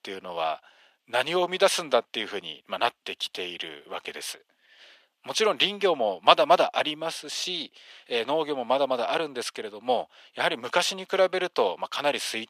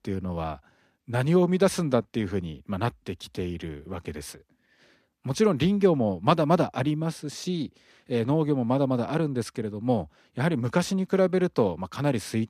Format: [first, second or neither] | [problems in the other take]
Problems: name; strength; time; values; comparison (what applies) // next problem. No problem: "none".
second | thin; very; fading below 650 Hz